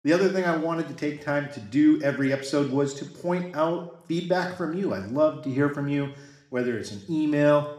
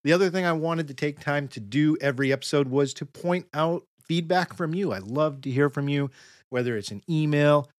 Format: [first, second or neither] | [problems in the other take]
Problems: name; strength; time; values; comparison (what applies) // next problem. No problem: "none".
second | room echo; slight; dies away in 0.7 s